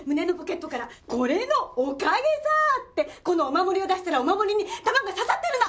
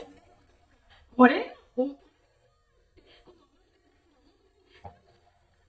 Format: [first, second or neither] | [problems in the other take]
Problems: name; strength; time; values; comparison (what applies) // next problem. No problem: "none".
first | noise reduction (neural mask model DeepFilterNet 3)